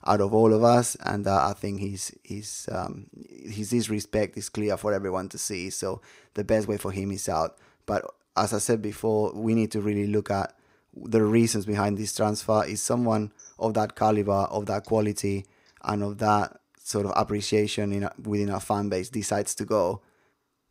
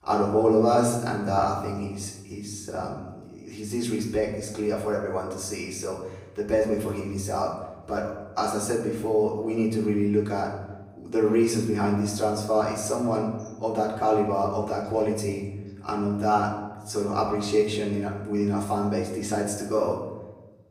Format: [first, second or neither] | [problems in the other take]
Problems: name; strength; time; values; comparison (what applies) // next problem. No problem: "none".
first | off-mic speech; far // room echo; noticeable; dies away in 0.9 s